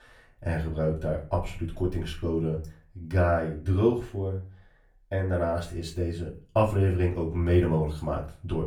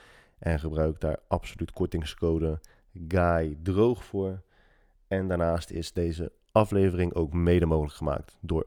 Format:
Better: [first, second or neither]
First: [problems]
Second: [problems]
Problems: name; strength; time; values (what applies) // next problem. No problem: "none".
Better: second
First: off-mic speech; far // room echo; slight; dies away in 0.3 s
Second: none